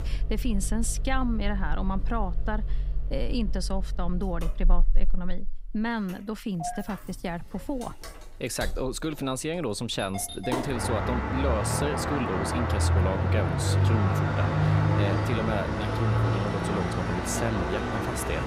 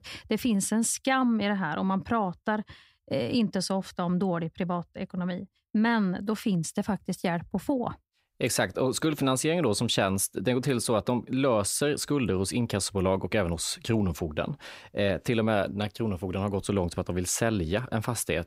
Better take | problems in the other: second | traffic noise; very loud; throughout; 3 dB above the speech

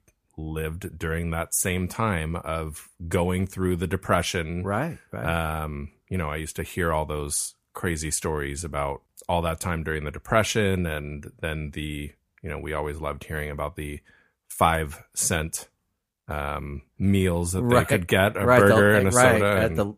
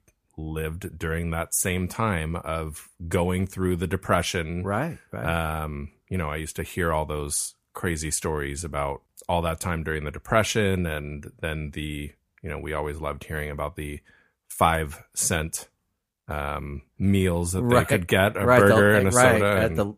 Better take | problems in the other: neither | none

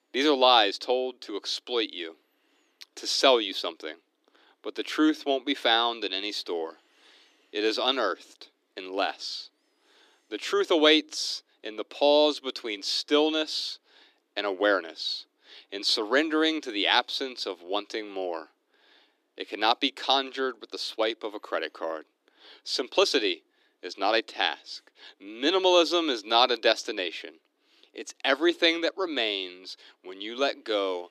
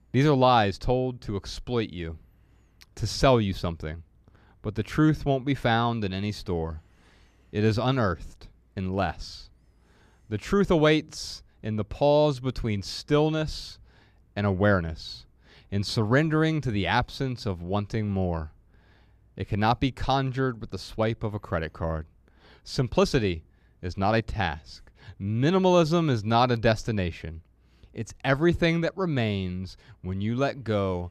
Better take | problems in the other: second | thin; somewhat; fading below 300 Hz

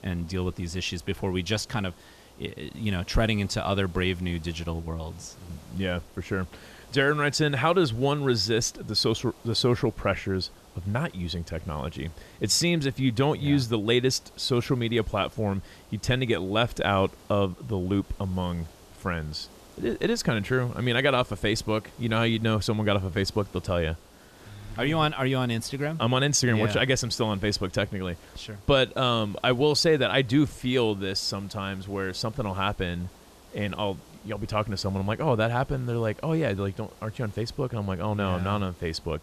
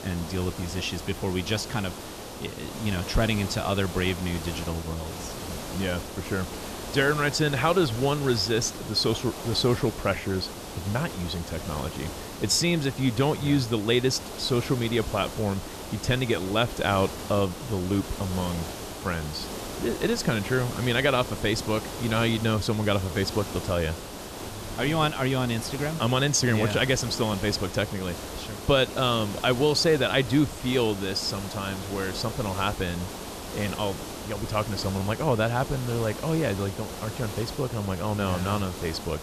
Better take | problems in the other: first | hiss; loud; throughout; 10 dB below the speech; faint in the first

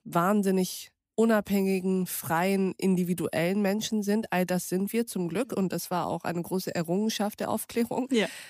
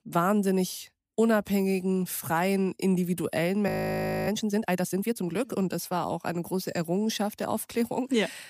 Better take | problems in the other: first | audio freezing; at 3.5 s for 0.5 s

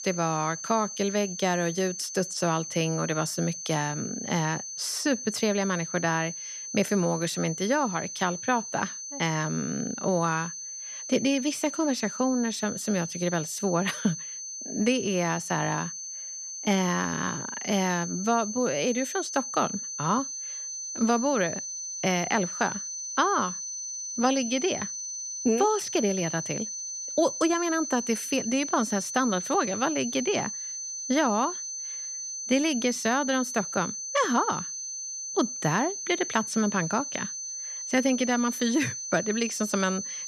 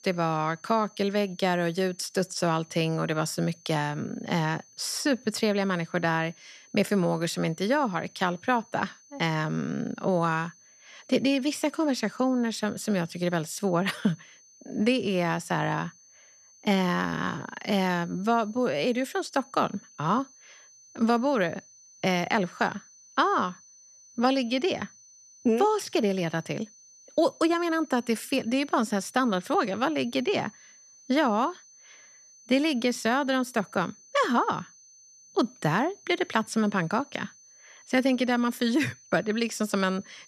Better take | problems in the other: second | high-pitched whine; loud; throughout; 6 kHz, 6 dB below the speech; faint in the second

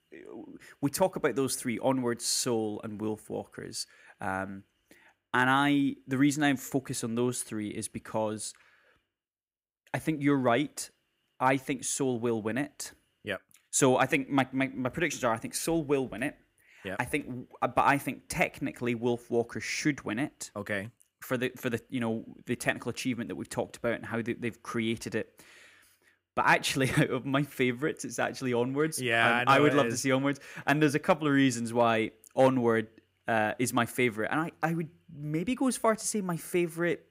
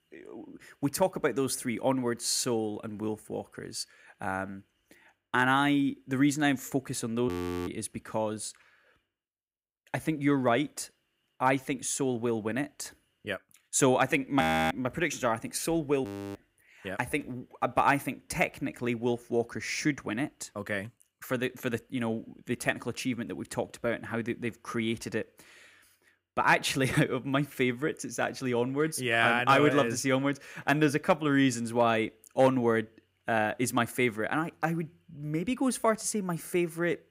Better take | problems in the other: first | audio freezing; at 7.5 s, at 14 s and at 16 s

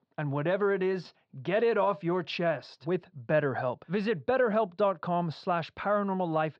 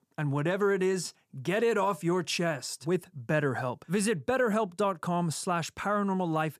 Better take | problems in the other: second | muffled; slightly; fading above 4.5 kHz

